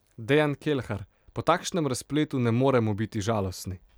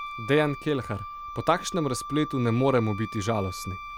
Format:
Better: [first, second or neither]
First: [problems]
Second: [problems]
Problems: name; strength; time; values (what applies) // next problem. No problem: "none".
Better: first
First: none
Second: background sound (Wind instrument, woodwind instrument); 11 dB below the speech